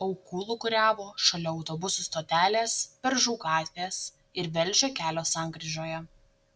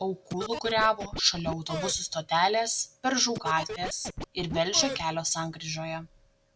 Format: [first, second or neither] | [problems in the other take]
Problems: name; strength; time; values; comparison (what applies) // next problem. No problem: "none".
first | background sound (Scratching (performance technique)); 8 dB below the speech